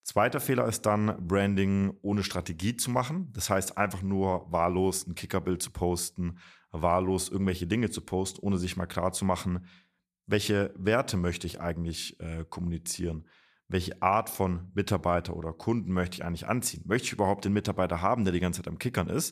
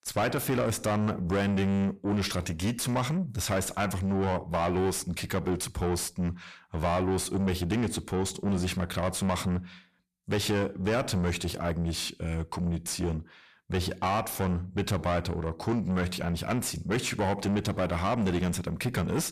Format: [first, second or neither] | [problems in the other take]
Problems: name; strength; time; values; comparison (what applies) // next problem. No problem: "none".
first | distortion; heavy; 6 dB below the speech